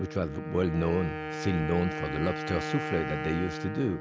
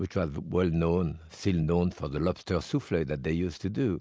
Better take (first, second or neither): second